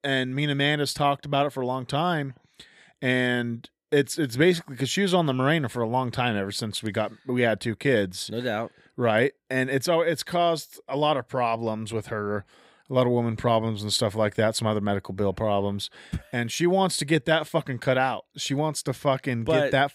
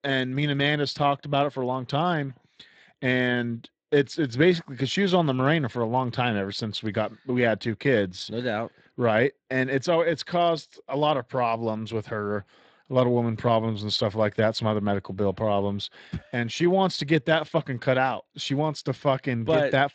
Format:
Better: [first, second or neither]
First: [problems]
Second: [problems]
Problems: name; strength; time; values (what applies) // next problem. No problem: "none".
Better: first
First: none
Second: garbled, watery; slightly; nothing above 7.5 kHz